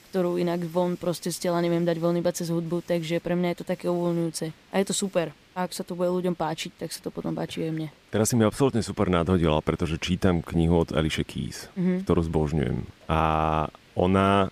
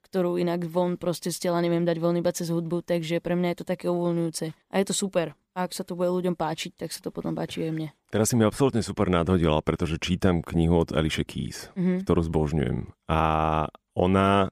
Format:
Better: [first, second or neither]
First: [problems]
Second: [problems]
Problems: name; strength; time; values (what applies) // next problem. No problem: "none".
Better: second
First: hiss; faint; throughout; 30 dB below the speech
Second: none